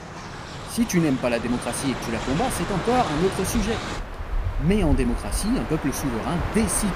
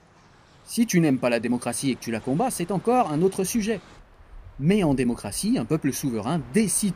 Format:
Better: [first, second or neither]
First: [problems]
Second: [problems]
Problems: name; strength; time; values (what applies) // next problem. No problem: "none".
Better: second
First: train or aircraft noise; loud; throughout; 6 dB below the speech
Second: train or aircraft noise; faint; throughout; 25 dB below the speech